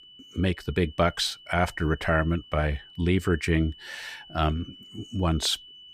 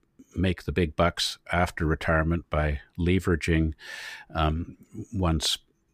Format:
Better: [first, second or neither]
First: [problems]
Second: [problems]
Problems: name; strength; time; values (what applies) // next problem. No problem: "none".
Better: second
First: high-pitched whine; faint; throughout; 3 kHz, 20 dB below the speech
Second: none